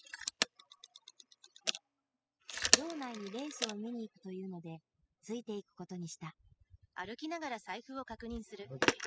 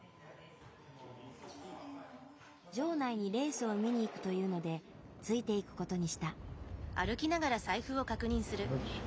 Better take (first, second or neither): second